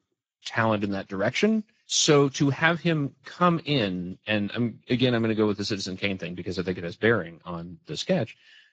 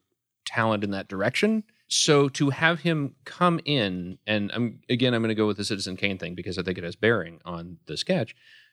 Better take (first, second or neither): second